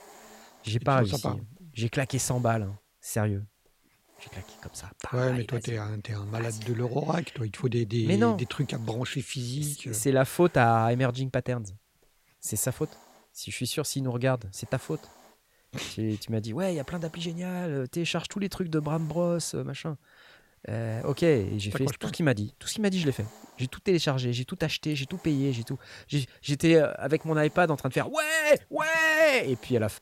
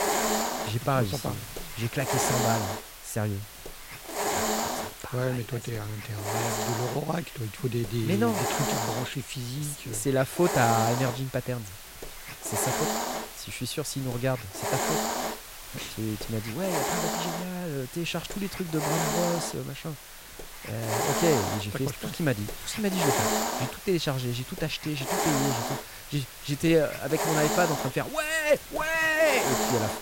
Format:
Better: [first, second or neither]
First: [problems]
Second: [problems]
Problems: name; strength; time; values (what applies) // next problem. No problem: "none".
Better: first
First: hiss; faint; throughout; 30 dB below the speech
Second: hiss; loud; throughout; 1 dB below the speech